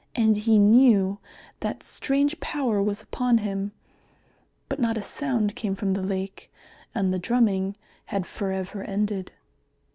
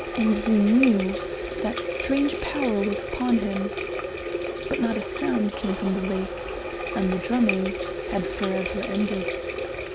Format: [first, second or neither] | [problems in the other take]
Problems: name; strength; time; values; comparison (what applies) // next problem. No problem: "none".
first | background sound (Water tap, faucet); 4 dB below the speech